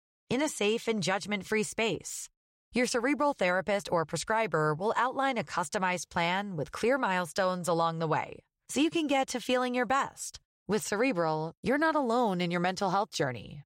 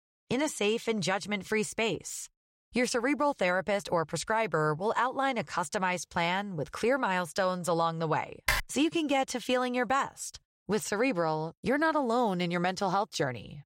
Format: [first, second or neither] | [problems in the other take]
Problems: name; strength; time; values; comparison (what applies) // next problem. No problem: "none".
first | keyboard typing; noticeable; at 8.5 s; peak level with the speech